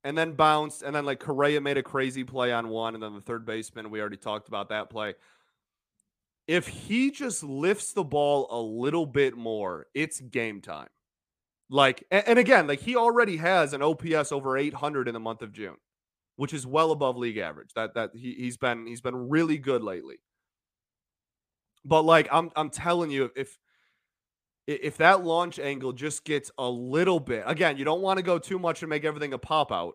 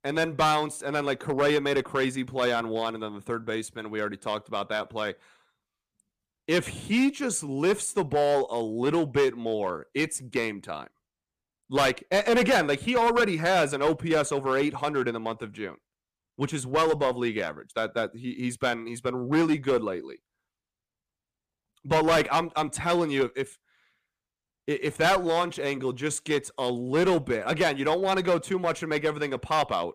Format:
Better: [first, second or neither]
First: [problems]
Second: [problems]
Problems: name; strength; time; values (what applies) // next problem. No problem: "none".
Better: first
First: none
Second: distortion; heavy; 5% of the sound clipped